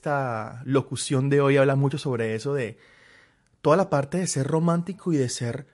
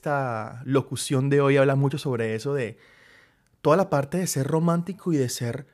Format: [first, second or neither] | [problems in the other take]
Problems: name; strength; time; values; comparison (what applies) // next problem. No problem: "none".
second | garbled, watery; slightly; nothing above 11 kHz